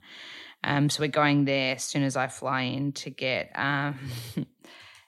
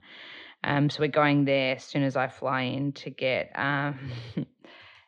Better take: first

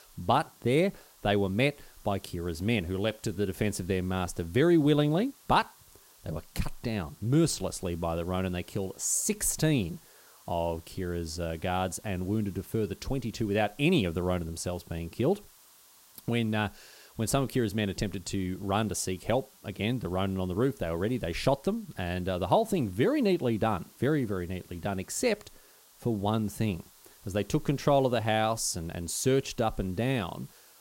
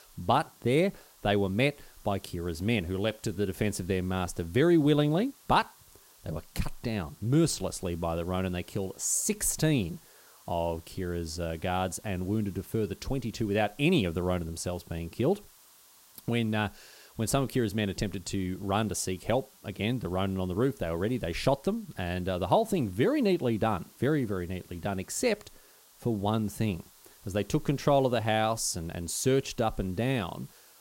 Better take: neither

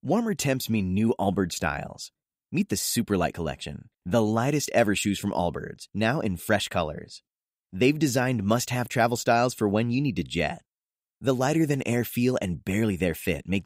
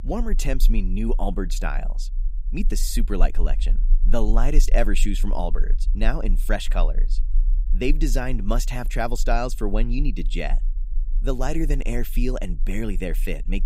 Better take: first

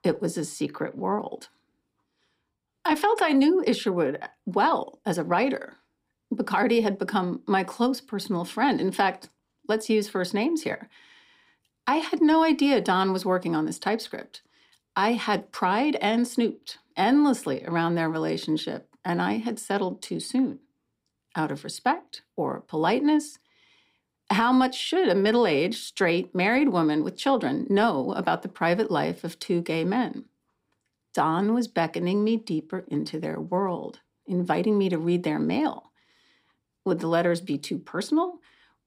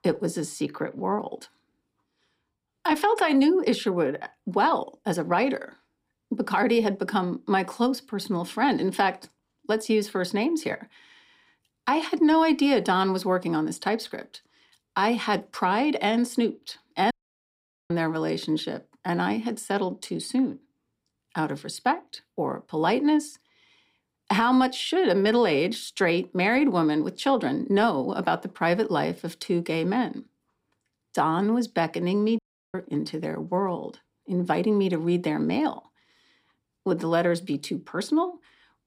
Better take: first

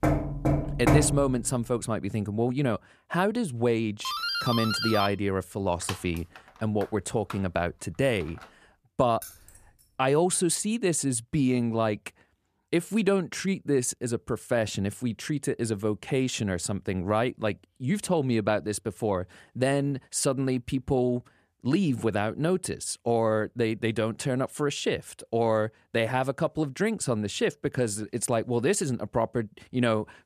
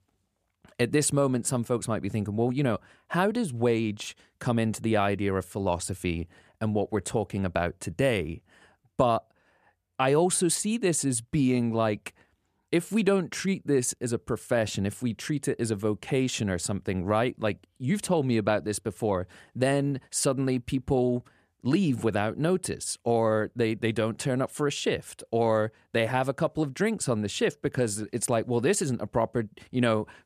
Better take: second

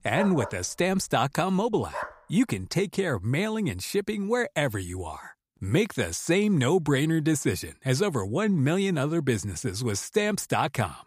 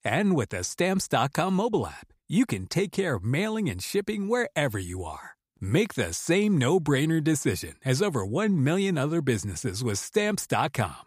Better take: second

